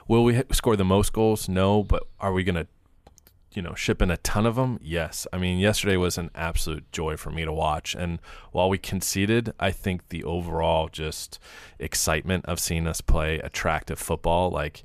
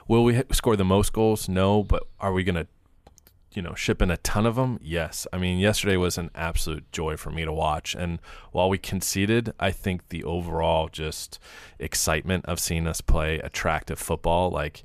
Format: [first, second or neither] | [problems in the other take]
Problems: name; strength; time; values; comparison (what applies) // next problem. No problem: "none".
neither | none